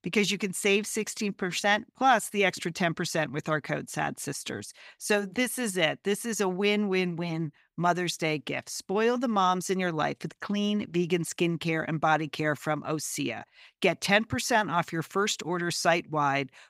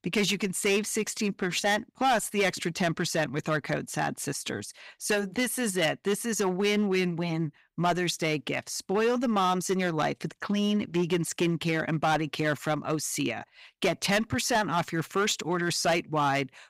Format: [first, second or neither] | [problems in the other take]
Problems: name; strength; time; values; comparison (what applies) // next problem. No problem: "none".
first | distortion; slight; 6% of the sound clipped